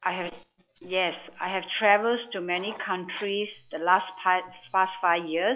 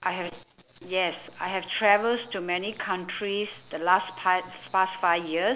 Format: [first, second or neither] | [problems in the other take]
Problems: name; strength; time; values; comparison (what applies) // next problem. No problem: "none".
second | noise reduction (classical method log-MMSE)